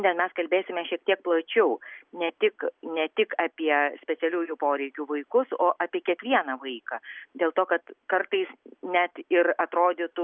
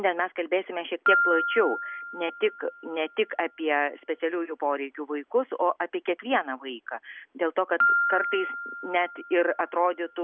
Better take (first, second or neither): first